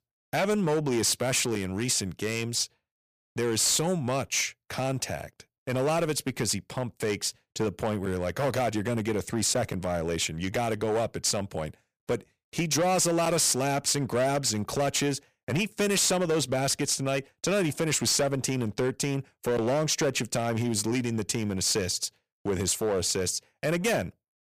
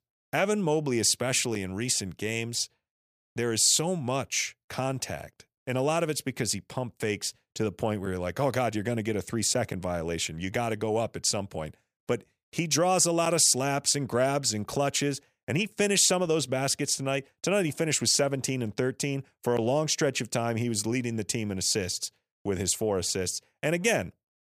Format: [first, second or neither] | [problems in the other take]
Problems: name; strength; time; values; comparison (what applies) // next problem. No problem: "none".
second | distortion; slight; 10% of the sound clipped